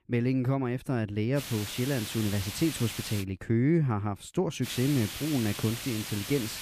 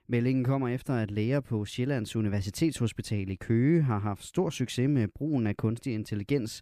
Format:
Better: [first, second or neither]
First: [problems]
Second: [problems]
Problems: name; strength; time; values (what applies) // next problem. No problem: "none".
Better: second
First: hiss; loud; from 1.5 to 3 s and from 4.5 s on; 7 dB below the speech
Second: none